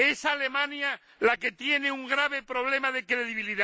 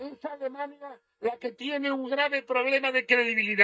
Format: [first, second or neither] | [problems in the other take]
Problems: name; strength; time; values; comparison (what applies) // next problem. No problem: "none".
first | noise reduction (neural mask model DeepFilterNet 3)